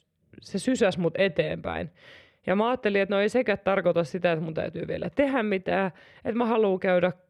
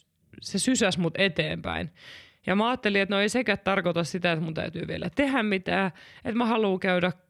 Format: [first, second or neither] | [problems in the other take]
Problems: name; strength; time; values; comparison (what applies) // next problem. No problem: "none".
second | muffled; slightly; fading above 3 kHz